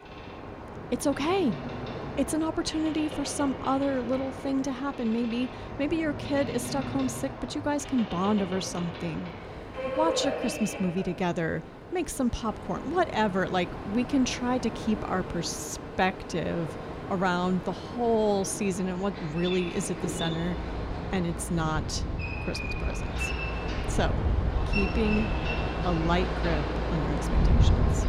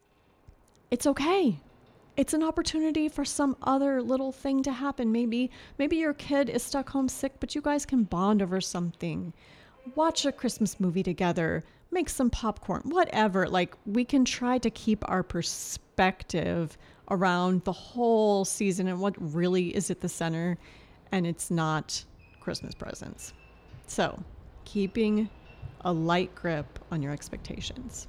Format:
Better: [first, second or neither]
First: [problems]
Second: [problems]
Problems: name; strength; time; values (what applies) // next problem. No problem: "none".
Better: second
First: train or aircraft noise; loud; throughout; 4 dB below the speech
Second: train or aircraft noise; faint; throughout; 30 dB below the speech